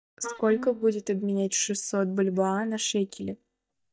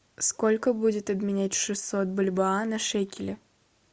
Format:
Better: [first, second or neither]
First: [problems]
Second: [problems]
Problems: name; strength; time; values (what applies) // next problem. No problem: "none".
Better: second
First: noise reduction (neural mask model DeepFilterNet 3)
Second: none